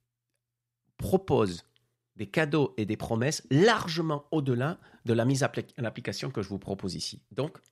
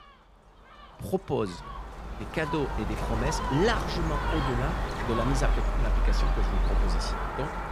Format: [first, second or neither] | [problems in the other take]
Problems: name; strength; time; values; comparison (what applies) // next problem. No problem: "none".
first | animal sounds; very loud; throughout; 1 dB above the speech